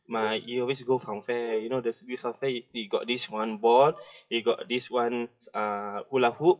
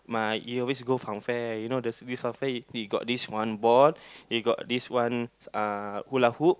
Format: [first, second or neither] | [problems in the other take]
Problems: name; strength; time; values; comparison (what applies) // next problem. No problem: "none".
second | noise reduction (classical method WPE with log-MMSE)